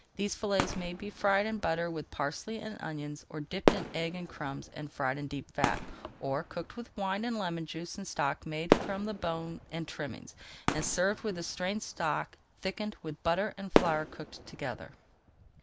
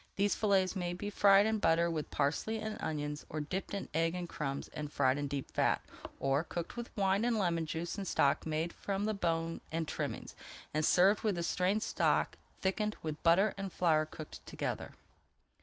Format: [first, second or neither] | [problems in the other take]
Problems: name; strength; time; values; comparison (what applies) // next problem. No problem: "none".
second | background sound (Fireworks); 2 dB below the speech